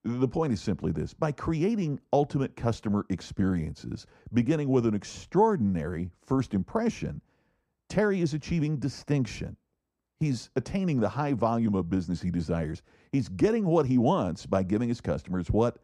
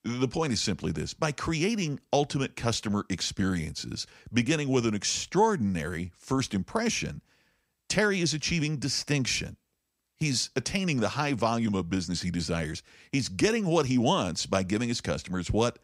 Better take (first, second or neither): second